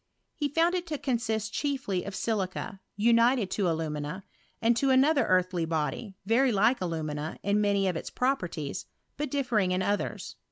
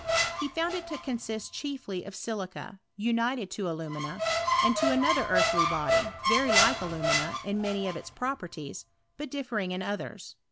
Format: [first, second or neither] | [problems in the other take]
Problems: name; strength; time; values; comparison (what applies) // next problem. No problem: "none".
first | background sound (Squeak); 1 dB above the speech